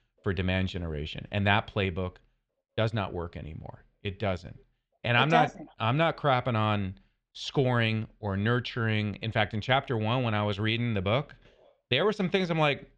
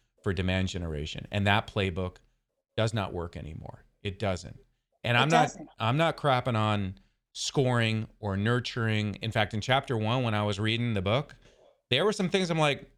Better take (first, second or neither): second